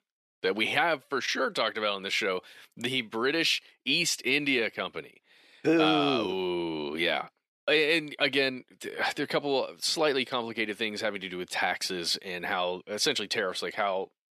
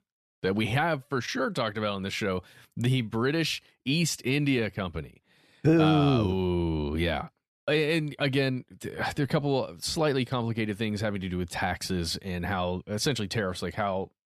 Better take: second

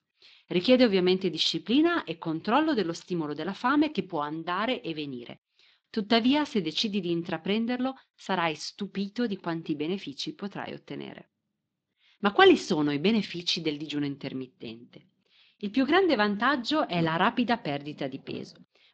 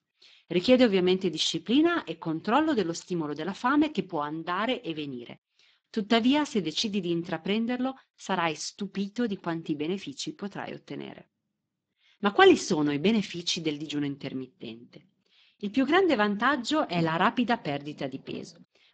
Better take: first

